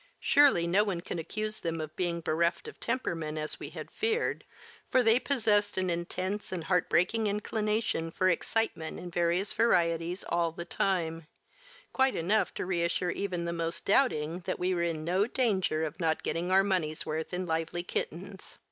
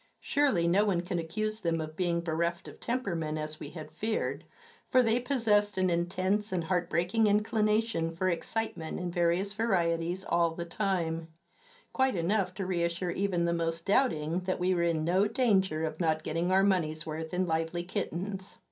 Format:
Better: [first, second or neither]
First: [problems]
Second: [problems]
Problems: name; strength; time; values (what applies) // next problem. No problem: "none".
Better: first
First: none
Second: room echo; dies away in 0.3 s